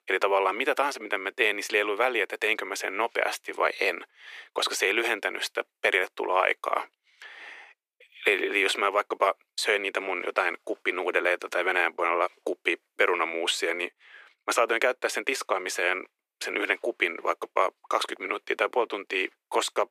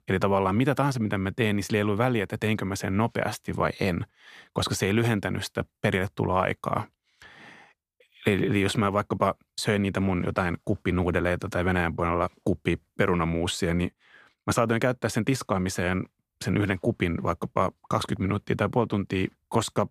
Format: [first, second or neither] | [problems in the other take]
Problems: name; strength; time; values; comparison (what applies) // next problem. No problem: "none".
second | thin; very; fading below 350 Hz